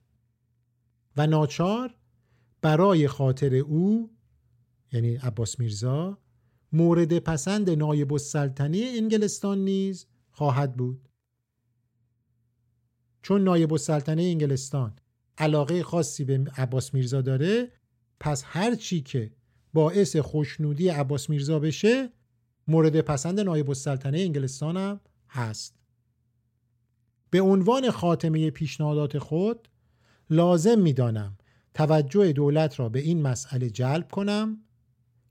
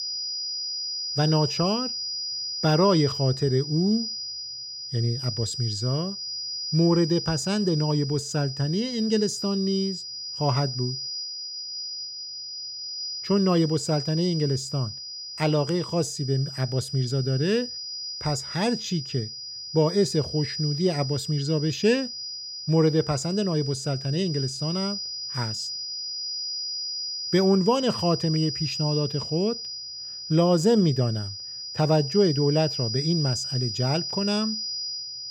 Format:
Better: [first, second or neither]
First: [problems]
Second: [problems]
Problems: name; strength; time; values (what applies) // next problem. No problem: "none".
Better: first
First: none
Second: high-pitched whine; loud; throughout; 5 kHz, 6 dB below the speech